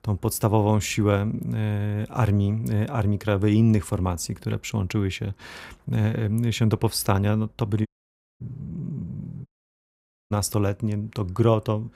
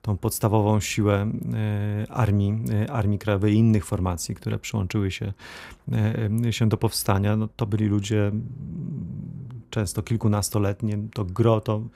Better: second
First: audio cutting out; at 8 s for 0.5 s and at 9.5 s for 1 s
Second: none

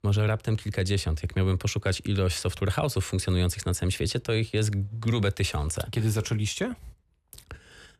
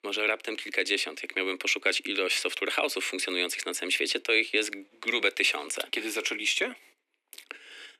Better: first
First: none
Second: thin; very; fading below 300 Hz

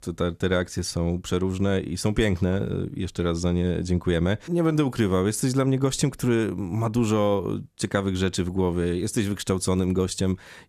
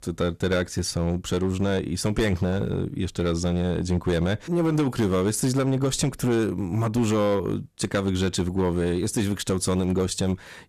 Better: first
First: none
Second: distortion; slight; 8% of the sound clipped

